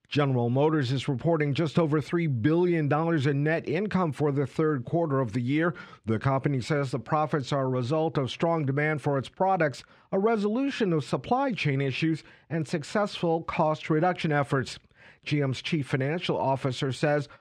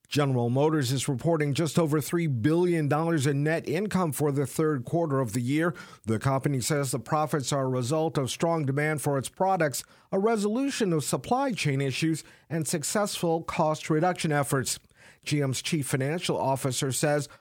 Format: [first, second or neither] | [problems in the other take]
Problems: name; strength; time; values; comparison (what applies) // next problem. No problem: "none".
second | muffled; slightly; fading above 3 kHz